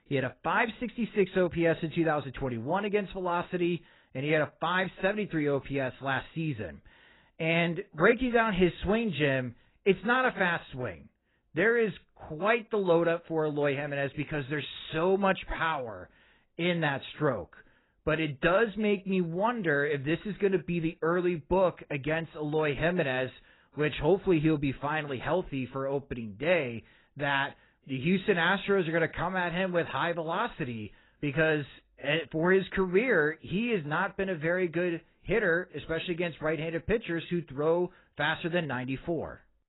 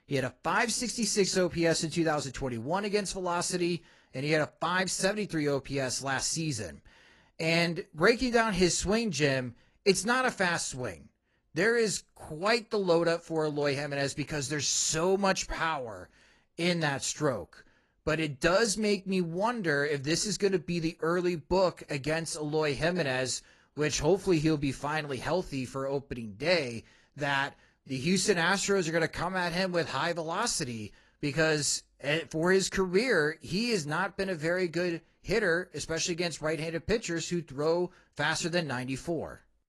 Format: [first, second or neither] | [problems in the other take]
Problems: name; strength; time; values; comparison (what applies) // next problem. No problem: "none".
second | garbled, watery; badly; nothing above 4 kHz; slightly in the second